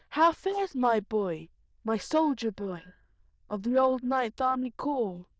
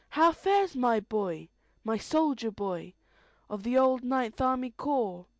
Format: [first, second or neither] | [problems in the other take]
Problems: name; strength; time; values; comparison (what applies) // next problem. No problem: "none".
second | noise reduction (neural diffusion model UNIVERSE++)